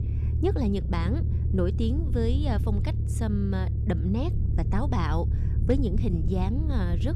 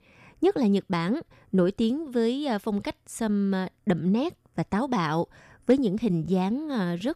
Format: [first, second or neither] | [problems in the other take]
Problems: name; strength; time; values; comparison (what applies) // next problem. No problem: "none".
second | low rumble; loud; throughout; 8 dB below the speech